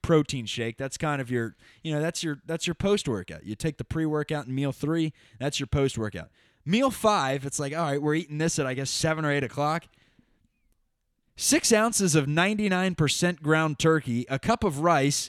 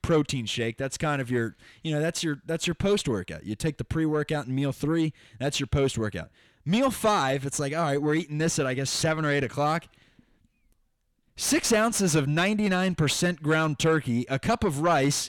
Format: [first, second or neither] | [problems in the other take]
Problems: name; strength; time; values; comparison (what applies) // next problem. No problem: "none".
first | distortion; slight; 10 dB below the speech